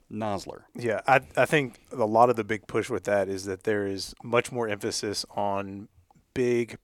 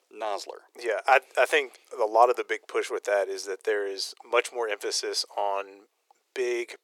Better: first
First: none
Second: thin; very; fading below 400 Hz

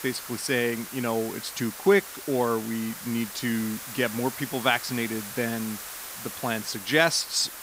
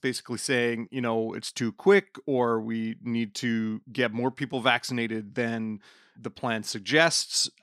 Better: second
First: hiss; loud; throughout; 10 dB below the speech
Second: none

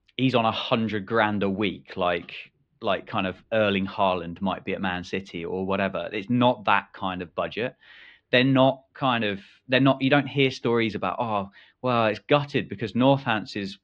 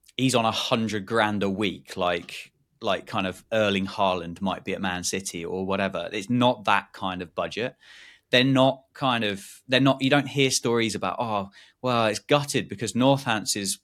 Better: second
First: muffled; slightly; fading above 3.5 kHz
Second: none

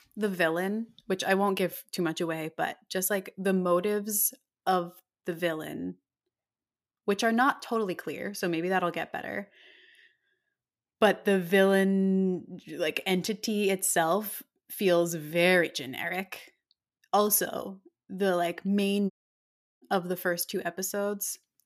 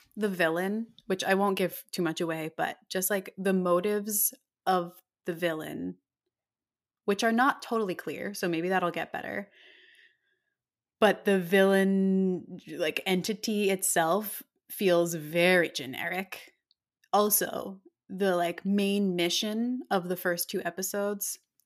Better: second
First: audio cutting out; at 19 s for 0.5 s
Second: none

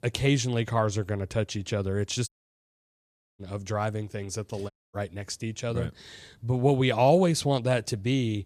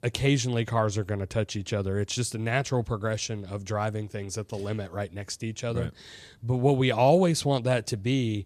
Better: second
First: audio cutting out; at 2.5 s for 1 s and at 4.5 s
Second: none

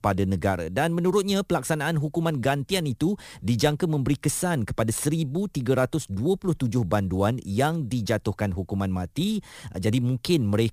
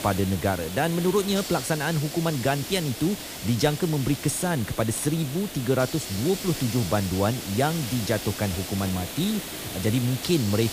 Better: first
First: none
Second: hiss; loud; throughout; 8 dB below the speech

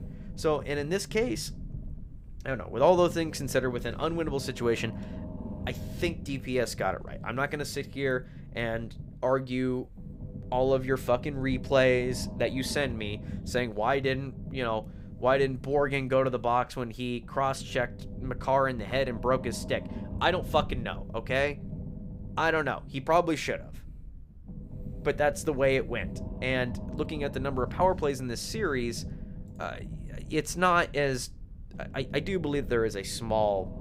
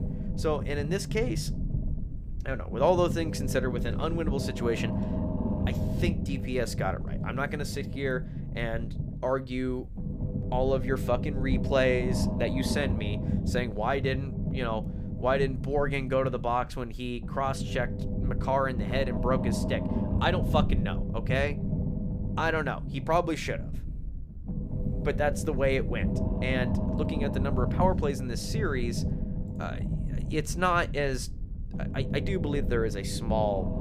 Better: first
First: low rumble; faint; throughout; 20 dB below the speech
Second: low rumble; loud; throughout; 10 dB below the speech

